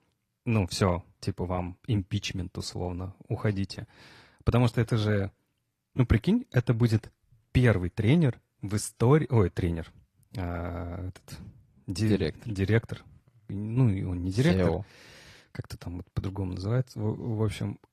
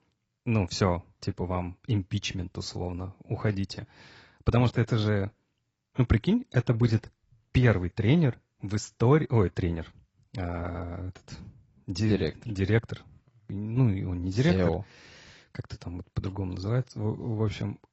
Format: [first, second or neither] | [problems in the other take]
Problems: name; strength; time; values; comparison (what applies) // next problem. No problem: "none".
first | garbled, watery; badly; nothing above 7.5 kHz; slightly in the first